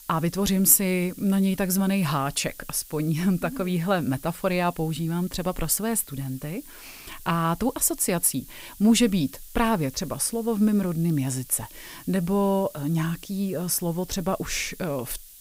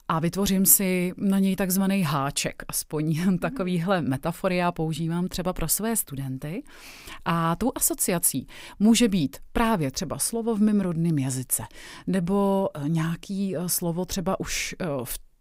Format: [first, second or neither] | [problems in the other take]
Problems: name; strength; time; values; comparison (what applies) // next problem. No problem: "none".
second | hiss; noticeable; throughout; 20 dB below the speech